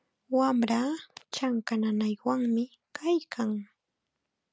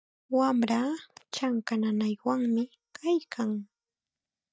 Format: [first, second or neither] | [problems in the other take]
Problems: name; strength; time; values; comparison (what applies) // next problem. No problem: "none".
first | noise reduction (neural mask model DeepFilterNet 3)